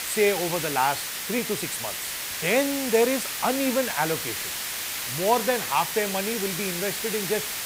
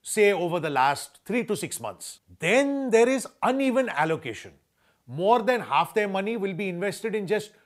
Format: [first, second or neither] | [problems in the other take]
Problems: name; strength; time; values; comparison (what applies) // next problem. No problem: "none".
second | hiss; loud; throughout; 2 dB below the speech